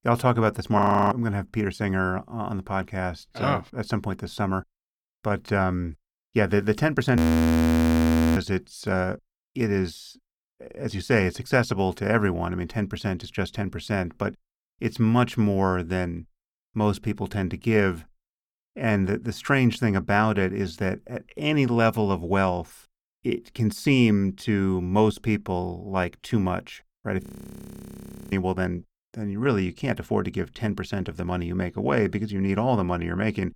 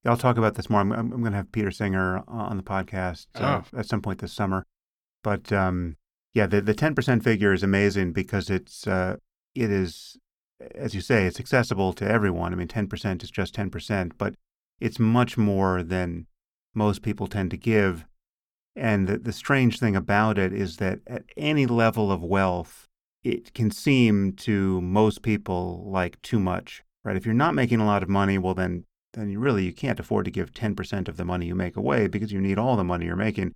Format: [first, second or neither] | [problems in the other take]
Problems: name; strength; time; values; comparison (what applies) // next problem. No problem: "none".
second | audio freezing; at 1 s, at 7 s for 1 s and at 27 s for 1 s